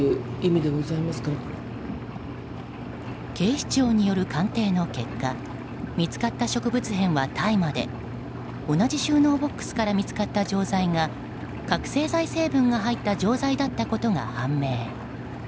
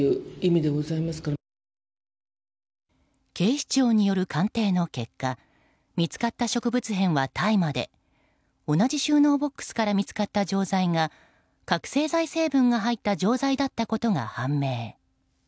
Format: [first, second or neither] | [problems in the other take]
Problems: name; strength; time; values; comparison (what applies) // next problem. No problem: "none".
second | background sound (Engine); 8 dB below the speech